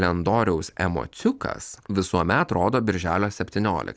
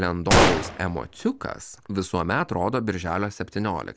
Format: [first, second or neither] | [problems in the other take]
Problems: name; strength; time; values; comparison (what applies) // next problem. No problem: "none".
first | background sound (Gunshot, gunfire); 1 dB above the speech